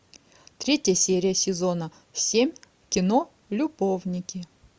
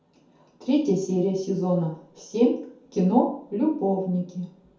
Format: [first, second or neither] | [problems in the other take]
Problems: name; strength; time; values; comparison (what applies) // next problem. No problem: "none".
first | room echo; dies away in 0.6 s